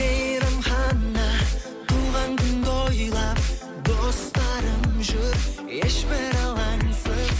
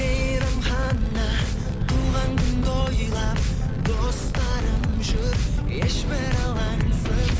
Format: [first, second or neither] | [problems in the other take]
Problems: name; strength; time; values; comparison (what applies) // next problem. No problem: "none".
first | background sound (Fire); as loud as the speech